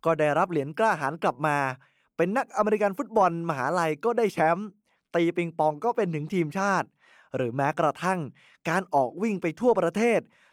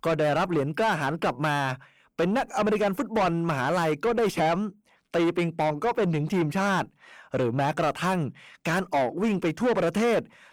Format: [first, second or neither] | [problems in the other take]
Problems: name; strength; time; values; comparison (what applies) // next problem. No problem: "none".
first | distortion; heavy; 7 dB below the speech